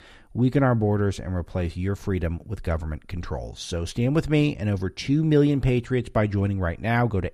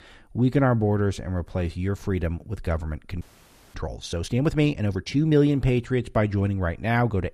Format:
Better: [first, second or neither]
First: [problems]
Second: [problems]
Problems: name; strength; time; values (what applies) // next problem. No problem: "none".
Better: first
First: none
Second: audio freezing; at 3 s for 0.5 s